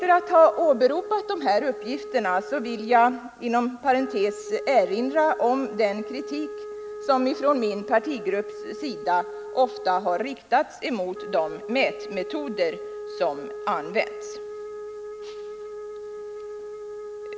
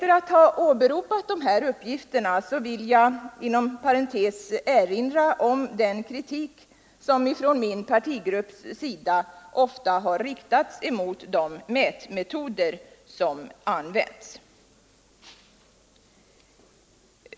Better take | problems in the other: second | background sound (Wind instrument, woodwind instrument); 11 dB below the speech

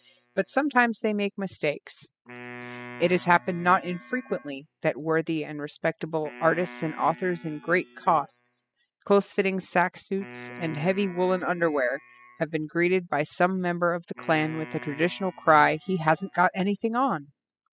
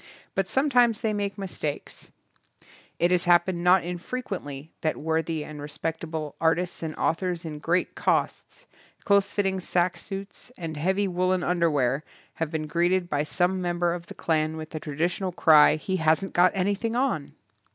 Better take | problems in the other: second | noise reduction (classical method spectral subtraction)

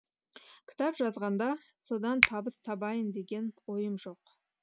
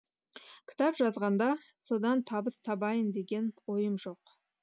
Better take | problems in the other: second | background sound (Finger snapping); 1 dB below the speech

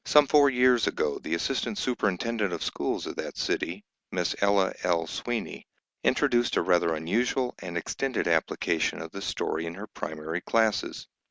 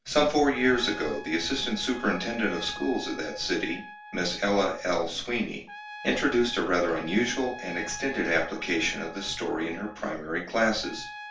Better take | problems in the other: first | background sound (Trumpet); 16 dB below the speech // room echo; dies away in 0.3 s

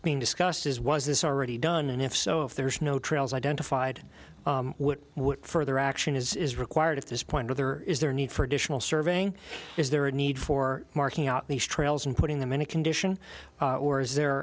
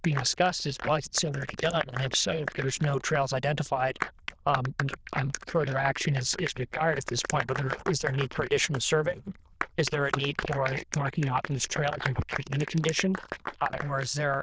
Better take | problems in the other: first | noise reduction (neural diffusion model UNIVERSE++)

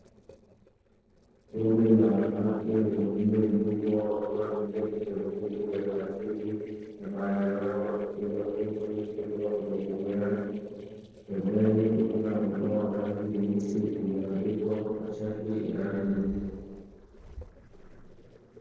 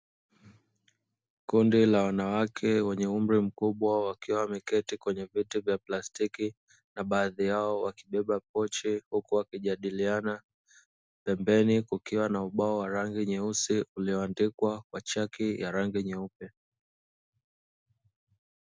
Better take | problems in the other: second | noise reduction (neural separator model SepFormer DNS4)

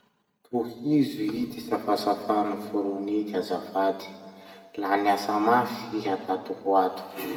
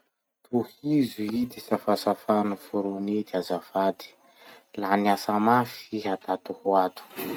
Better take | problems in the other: second | room echo; dies away in 1.7 s

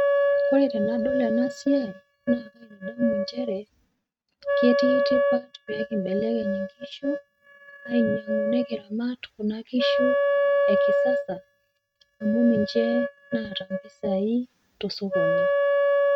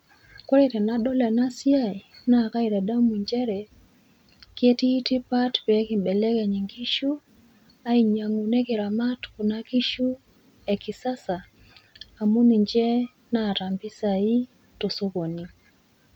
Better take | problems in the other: second | noise reduction (neural mask model RNNoise)

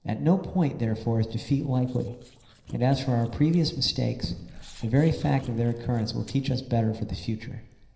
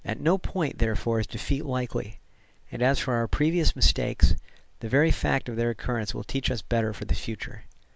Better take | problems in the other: second | noise reduction (neural separator model SepFormer DNS4)

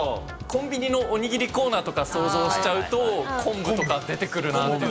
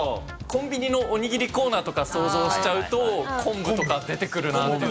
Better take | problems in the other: second | background sound (Subway, metro, underground / Doorbell + Organ); 19 dB below the speech

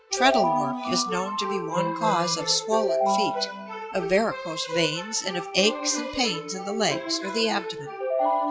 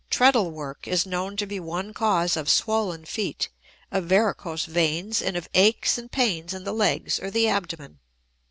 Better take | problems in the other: second | noise reduction (classical method log-MMSE)

